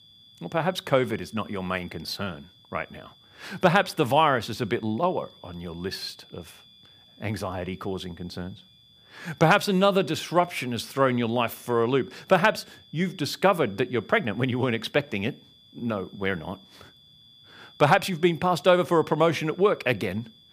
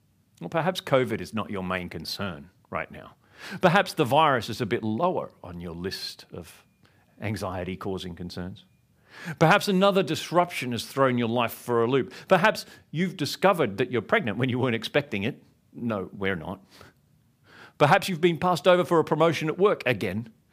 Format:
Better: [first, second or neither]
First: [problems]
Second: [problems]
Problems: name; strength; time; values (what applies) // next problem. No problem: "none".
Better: second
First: high-pitched whine; faint; throughout; 3.5 kHz, 25 dB below the speech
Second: none